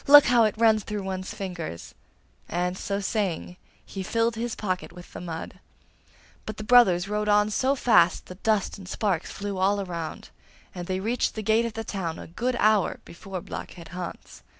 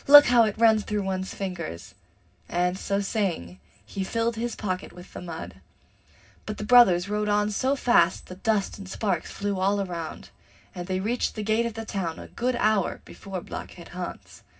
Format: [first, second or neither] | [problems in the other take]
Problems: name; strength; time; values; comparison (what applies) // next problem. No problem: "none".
first | room echo; dies away in 0.4 s